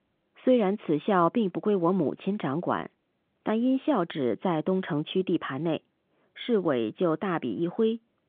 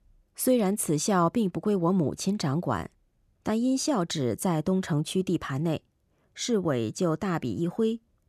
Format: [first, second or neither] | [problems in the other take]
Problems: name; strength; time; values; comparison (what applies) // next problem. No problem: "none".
second | phone-call audio; nothing above 3.5 kHz